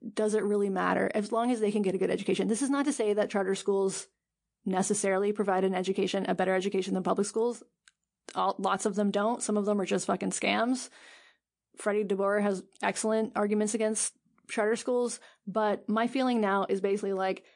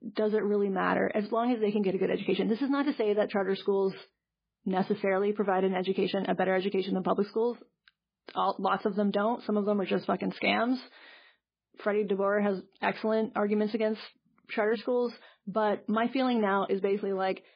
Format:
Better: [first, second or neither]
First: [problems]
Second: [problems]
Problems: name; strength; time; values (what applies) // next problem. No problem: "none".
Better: first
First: garbled, watery; slightly; nothing above 9 kHz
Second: garbled, watery; badly; nothing above 4 kHz